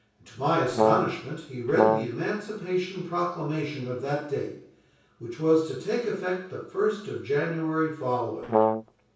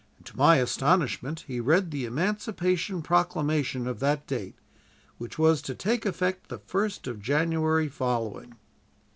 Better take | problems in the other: second | background sound (Brass instrument); 4 dB above the speech // room echo; dies away in 0.6 s

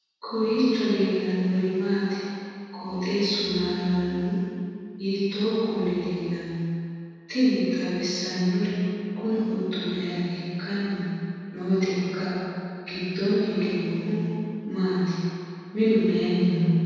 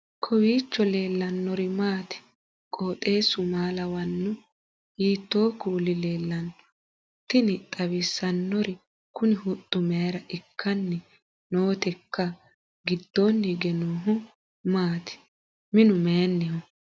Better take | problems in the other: second | room echo; dies away in 2.1 s

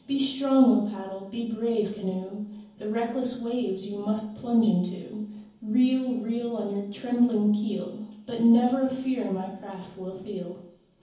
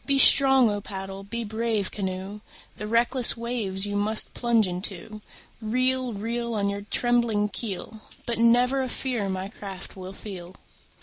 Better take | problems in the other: second | room echo; dies away in 0.7 s

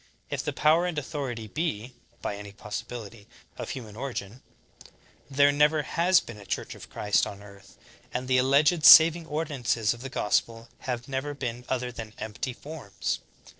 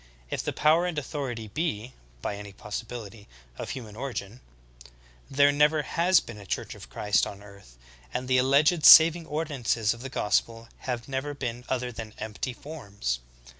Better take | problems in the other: second | noise reduction (neural separator model SepFormer DNS4)

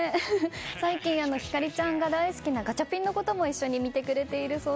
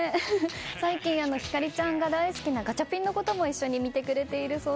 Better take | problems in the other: first | background sound (Gunshot, gunfire); 20 dB below the speech

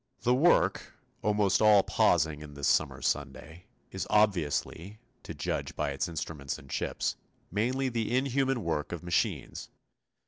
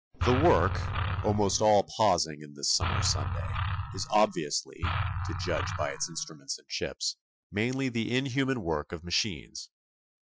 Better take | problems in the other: first | noise reduction (classical method Wiener filter)

